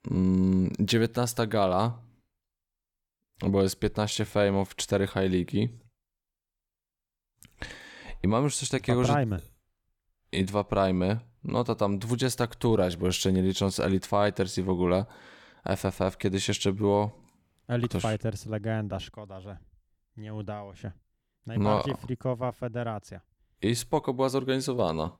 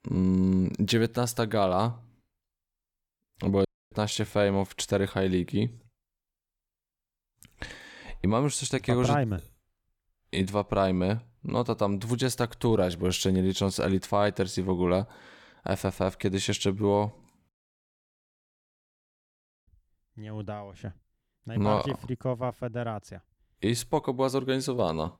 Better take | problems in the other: first | audio cutting out; at 3.5 s and at 17 s for 2 s

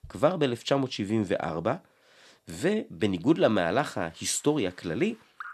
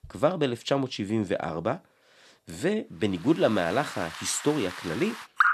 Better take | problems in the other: first | rain or running water; loud; from 3.5 s on; 7 dB below the speech; faint in the first

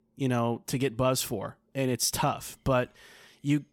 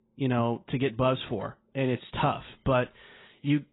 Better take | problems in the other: first | garbled, watery; badly; nothing above 4 kHz

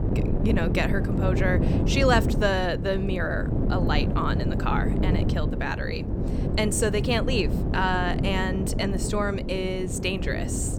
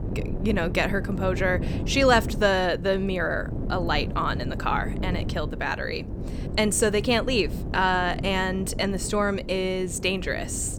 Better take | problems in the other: second | wind noise on the microphone; heavy; 7 dB below the speech; occasional gusts in the second

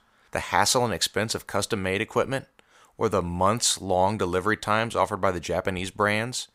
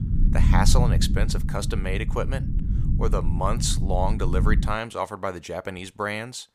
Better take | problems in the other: first | low rumble; loud; until 4.5 s; 9 dB below the speech

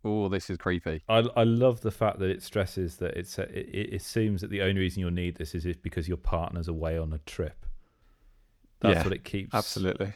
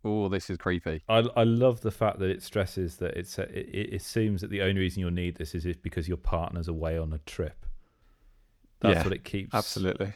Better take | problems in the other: neither | none

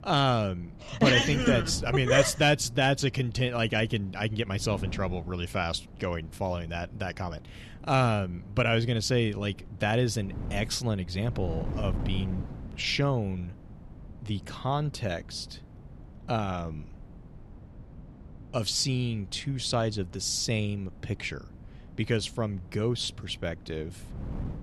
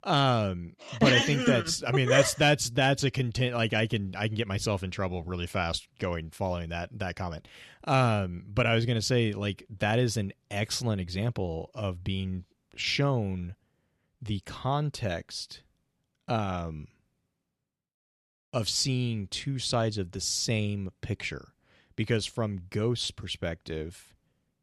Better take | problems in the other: second | wind noise on the microphone; occasional gusts; 20 dB below the speech

